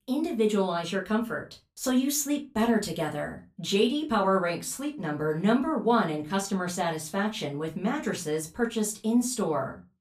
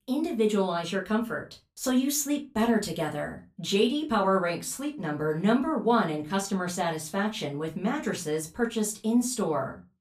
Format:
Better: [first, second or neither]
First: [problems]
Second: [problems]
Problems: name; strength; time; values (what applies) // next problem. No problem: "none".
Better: neither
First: off-mic speech; far // room echo; very slight; dies away in 0.2 s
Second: off-mic speech; far // room echo; very slight; dies away in 0.2 s